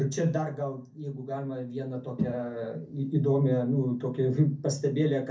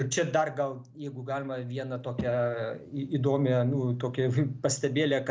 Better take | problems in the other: second | room echo; dies away in 0.3 s

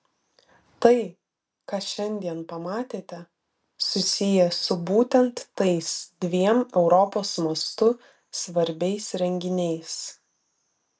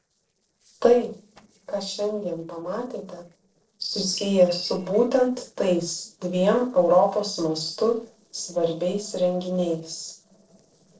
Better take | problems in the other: first | noise reduction (neural separator model SepFormer DNS4)

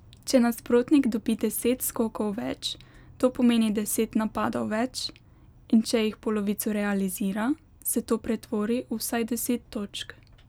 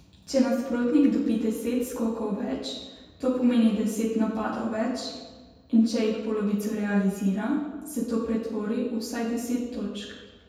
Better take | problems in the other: first | room echo; dies away in 1.1 s

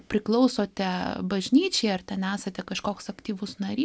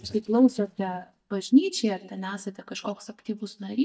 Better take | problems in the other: first | noise reduction (neural mask model DeepFilterNet 3)

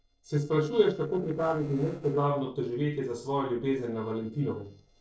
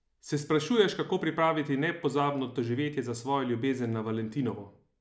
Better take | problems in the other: second | noise reduction (neural separator model SepFormer DNS4)

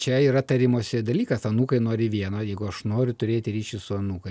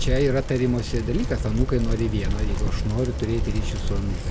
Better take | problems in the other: first | background sound (Bicycle); 1 dB above the speech

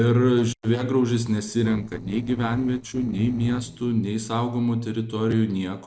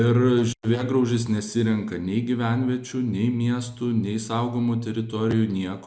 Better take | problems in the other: second | noise reduction (neural separator model SepFormer DNS4)

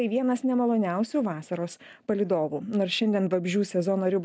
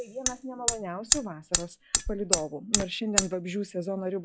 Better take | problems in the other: first | noise reduction (classical method log-MMSE)

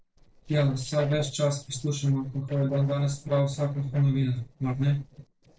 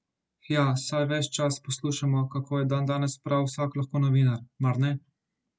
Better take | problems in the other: second | noise reduction (neural separator model SepFormer DNS4)

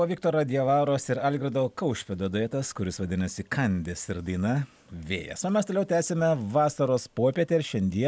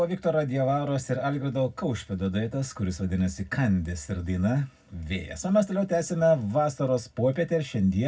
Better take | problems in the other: first | room echo; dies away in 0.3 s

